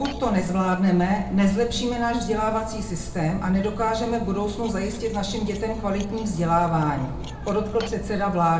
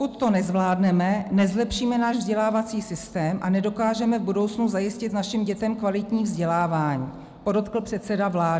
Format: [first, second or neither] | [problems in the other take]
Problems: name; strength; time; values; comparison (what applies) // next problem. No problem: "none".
second | background sound (Cutlery, silverware); 11 dB below the speech // room echo; dies away in 0.6 s